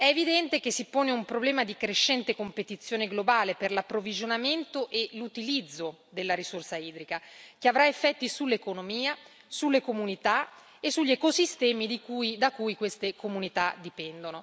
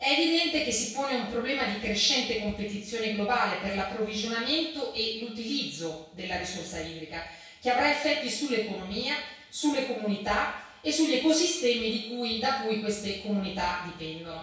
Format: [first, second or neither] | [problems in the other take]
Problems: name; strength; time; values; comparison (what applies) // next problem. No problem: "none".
first | room echo; dies away in 0.6 s